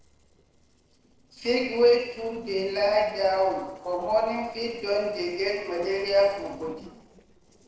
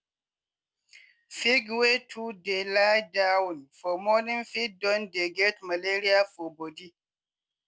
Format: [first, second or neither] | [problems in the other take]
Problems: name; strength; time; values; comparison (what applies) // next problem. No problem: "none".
second | noise reduction (neural separator model SepFormer DNS4)